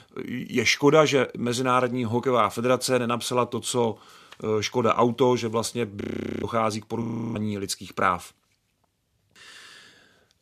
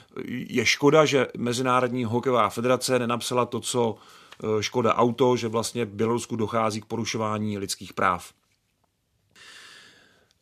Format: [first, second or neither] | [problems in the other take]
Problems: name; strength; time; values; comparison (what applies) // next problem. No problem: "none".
second | audio freezing; at 6 s and at 7 s